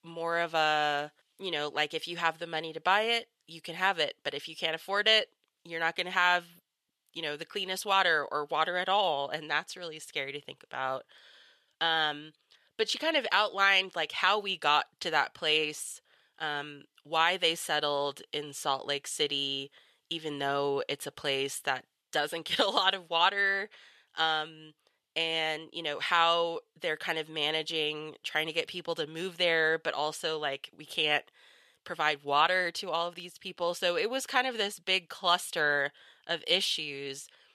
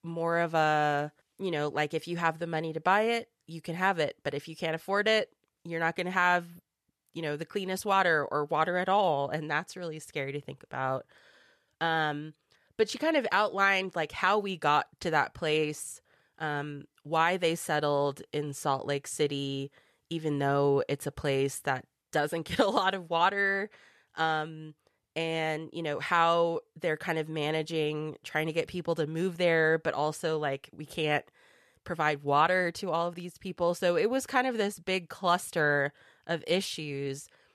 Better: second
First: thin; somewhat; fading below 600 Hz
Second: none

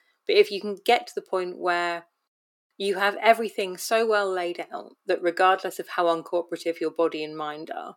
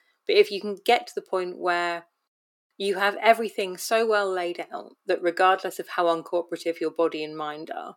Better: neither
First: thin; somewhat; fading below 300 Hz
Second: thin; somewhat; fading below 300 Hz

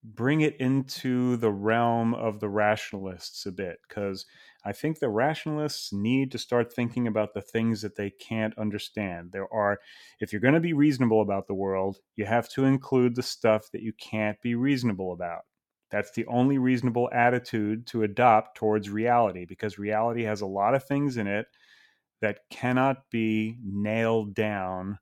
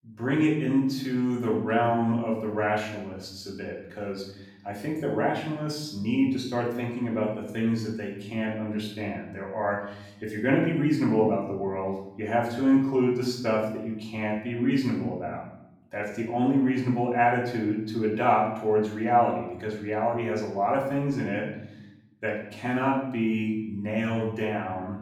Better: first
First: none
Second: off-mic speech; far // room echo; noticeable; dies away in 0.7 s

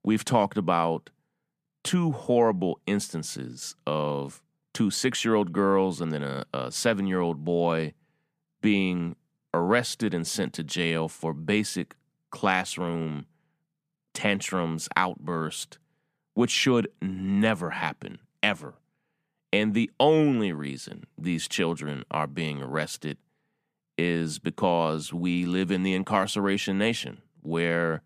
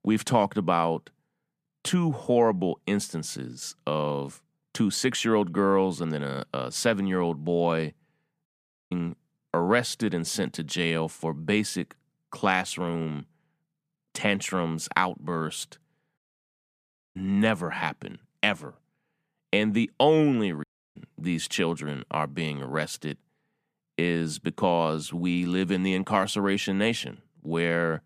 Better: first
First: none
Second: audio cutting out; at 8.5 s, at 16 s for 1 s and at 21 s

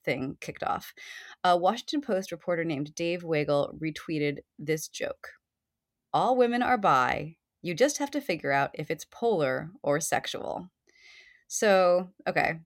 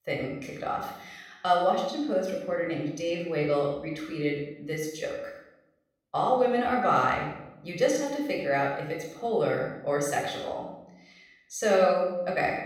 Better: first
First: none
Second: off-mic speech; far // room echo; noticeable; dies away in 0.7 s

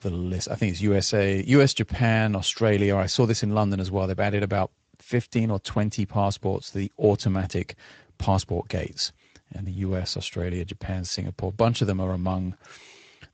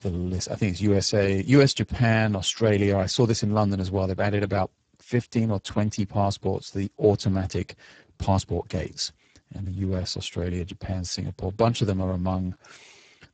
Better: first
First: garbled, watery; slightly; nothing above 8 kHz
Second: garbled, watery; badly; nothing above 7.5 kHz

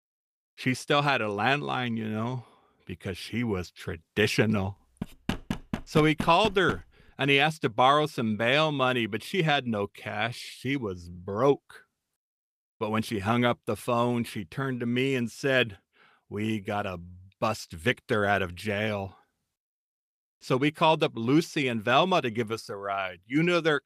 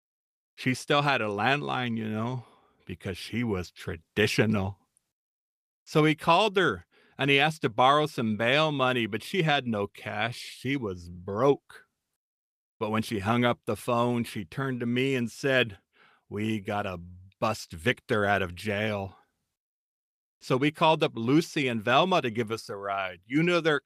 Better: second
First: door banging; noticeable; from 5 to 7 s; peak 7 dB below the speech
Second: none

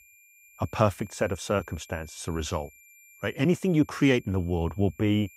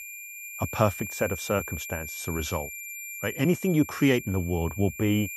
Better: first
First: high-pitched whine; faint; throughout; 2.5 kHz, 25 dB below the speech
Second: high-pitched whine; loud; throughout; 2.5 kHz, 9 dB below the speech

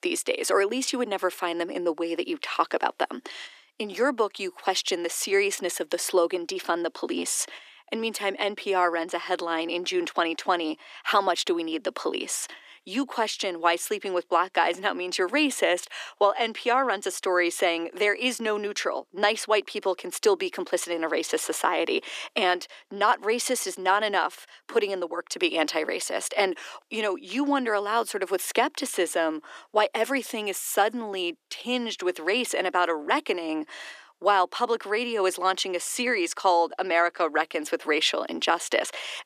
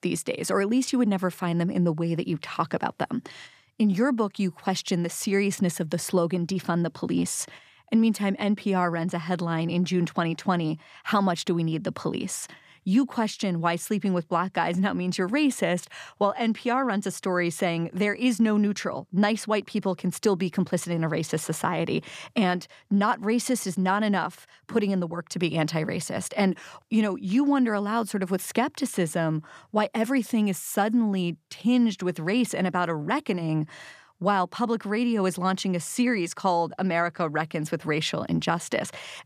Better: second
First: thin; very; fading below 300 Hz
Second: none

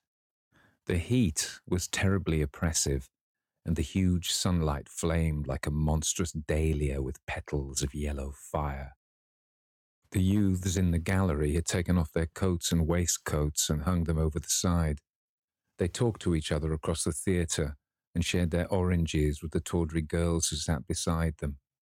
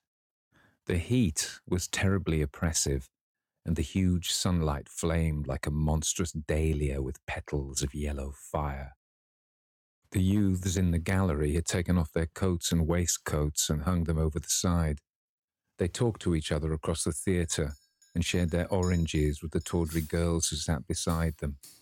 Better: first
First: none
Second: household noises; faint; from 17 s on; 20 dB below the speech

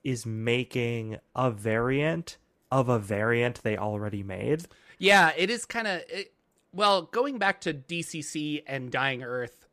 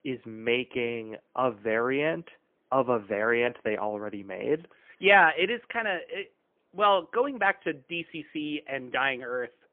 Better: first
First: none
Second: phone-call audio; poor line; nothing above 3 kHz

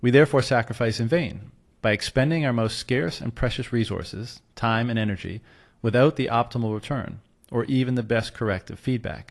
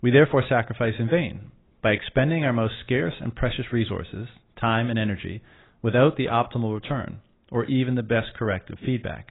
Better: first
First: garbled, watery; slightly; nothing above 11 kHz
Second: garbled, watery; badly; nothing above 4 kHz

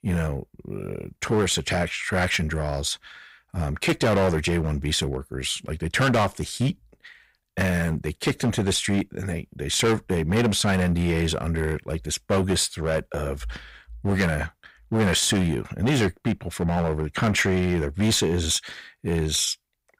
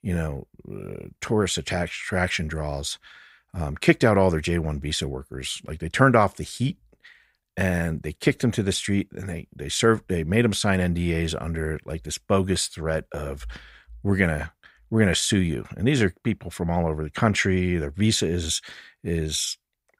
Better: second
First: distortion; heavy; 8% of the sound clipped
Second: none

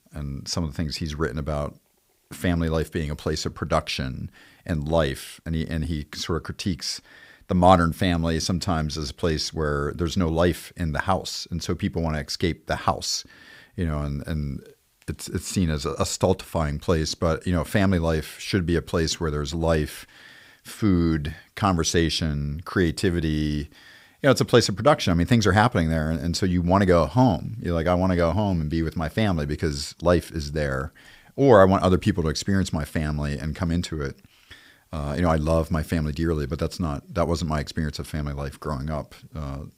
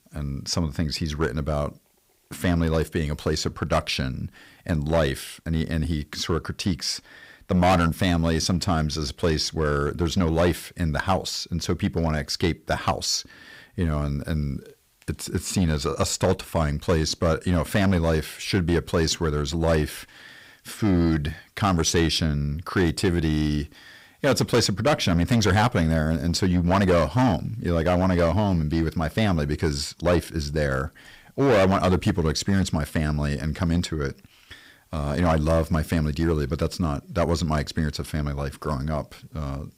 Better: first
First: none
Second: distortion; slight; 5% of the sound clipped

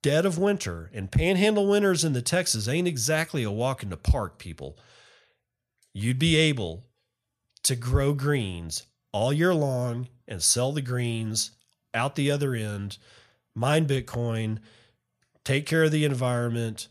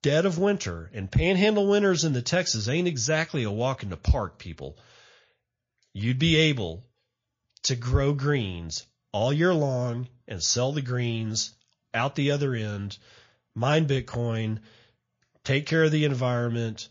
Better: first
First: none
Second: garbled, watery; slightly; nothing above 7 kHz

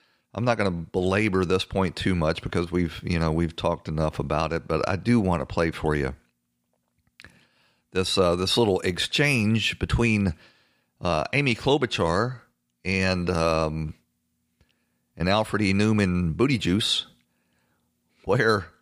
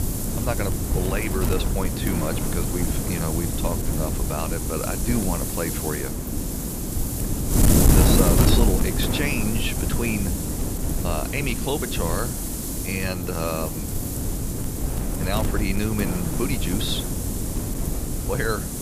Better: first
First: none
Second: wind noise on the microphone; heavy; 1 dB below the speech

